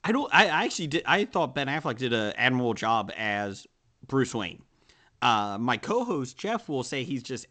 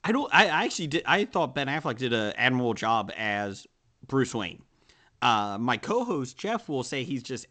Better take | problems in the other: neither | garbled, watery; slightly; nothing above 8 kHz; the same in both

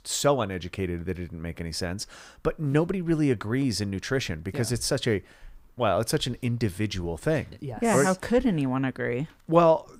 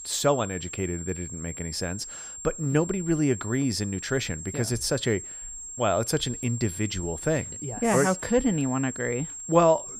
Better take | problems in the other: first | high-pitched whine; loud; throughout; 7.5 kHz, 9 dB below the speech

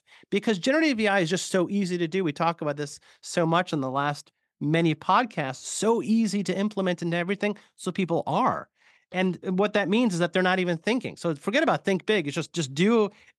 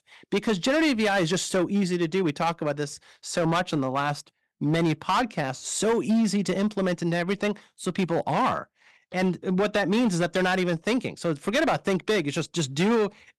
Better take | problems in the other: first | distortion; slight; 9% of the sound clipped

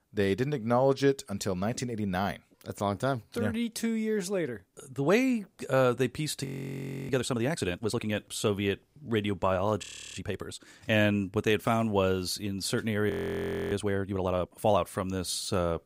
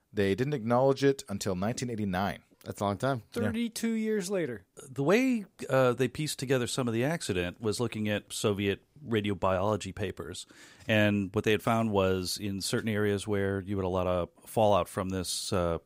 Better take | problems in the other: second | audio freezing; at 6.5 s for 0.5 s, at 10 s and at 13 s for 0.5 s

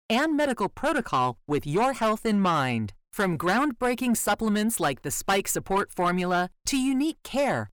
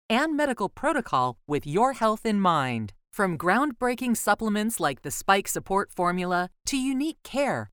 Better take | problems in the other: second | distortion; slight; 10 dB below the speech

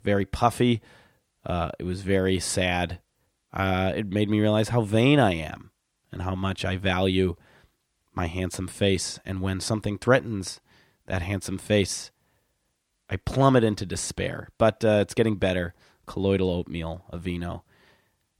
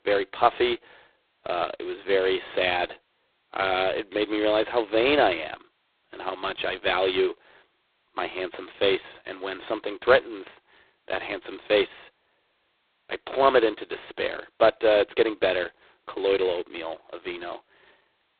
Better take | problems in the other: first | phone-call audio; poor line; nothing above 4 kHz

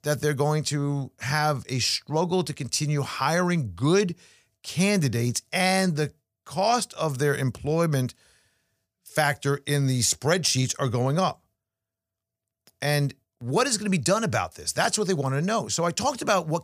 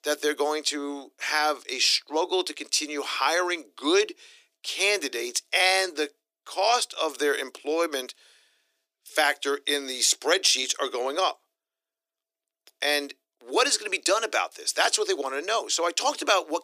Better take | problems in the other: first | thin; very; fading below 300 Hz

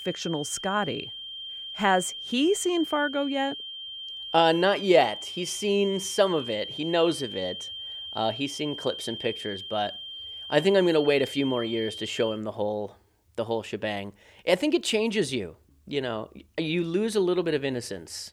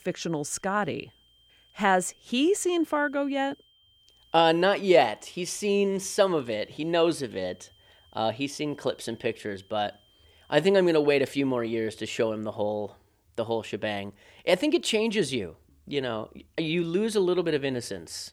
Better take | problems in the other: second | high-pitched whine; loud; until 12 s; 3 kHz, 9 dB below the speech; faint in the second

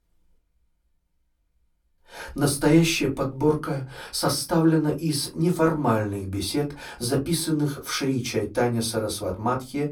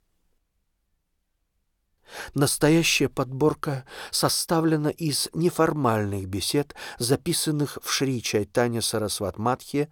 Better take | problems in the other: second | off-mic speech; far // room echo; very slight; dies away in 0.2 s

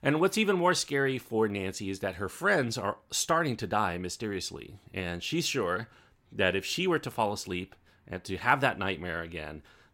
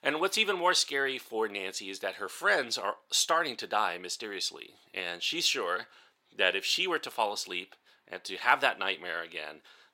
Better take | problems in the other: first | thin; somewhat; fading below 500 Hz

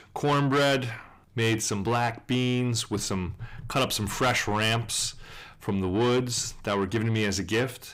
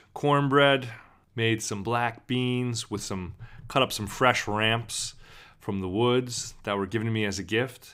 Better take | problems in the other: second | distortion; heavy; 8 dB below the speech

